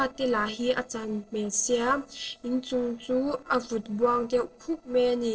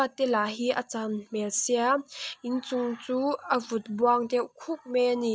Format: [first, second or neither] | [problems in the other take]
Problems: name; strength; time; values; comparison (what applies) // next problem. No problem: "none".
second | noise reduction (neural separator model SepFormer DNS4)